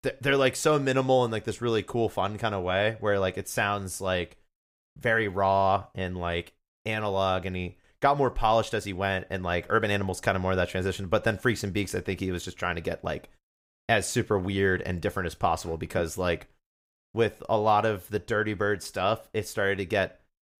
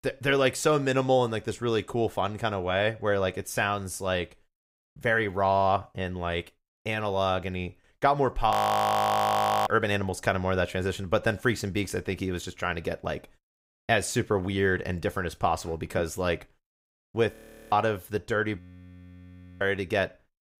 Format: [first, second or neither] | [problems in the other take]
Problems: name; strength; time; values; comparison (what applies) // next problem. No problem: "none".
first | audio freezing; at 8.5 s for 1 s, at 17 s and at 19 s for 1 s